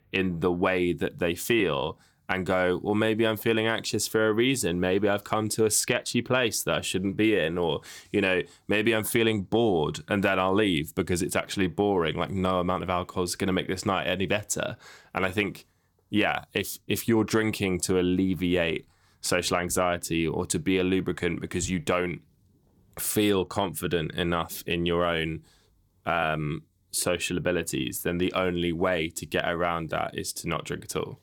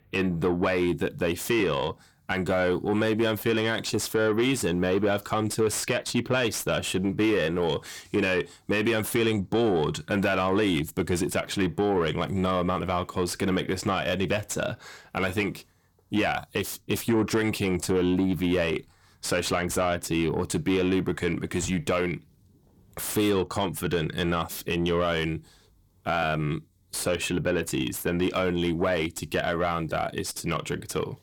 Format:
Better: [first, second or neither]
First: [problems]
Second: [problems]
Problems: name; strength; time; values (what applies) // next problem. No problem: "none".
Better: first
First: none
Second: distortion; slight; 10 dB below the speech